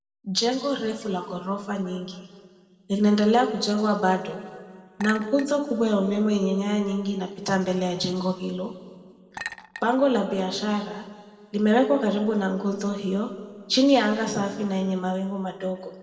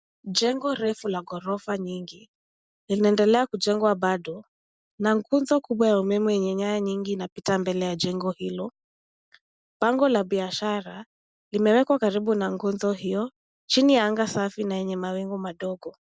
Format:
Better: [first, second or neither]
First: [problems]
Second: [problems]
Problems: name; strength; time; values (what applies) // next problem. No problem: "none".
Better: second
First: background sound (Chink, clink); 16 dB below the speech // room echo; dies away in 1.7 s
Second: none